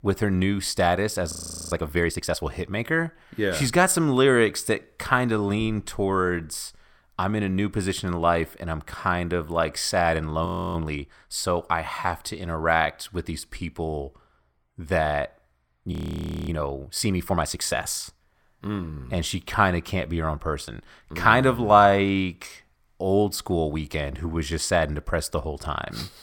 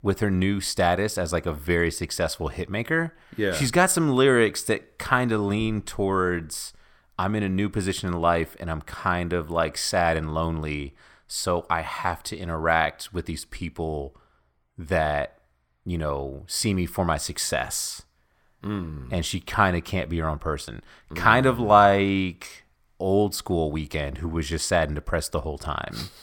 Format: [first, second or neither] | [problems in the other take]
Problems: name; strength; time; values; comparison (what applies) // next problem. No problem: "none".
second | audio freezing; at 1.5 s, at 10 s and at 16 s for 0.5 s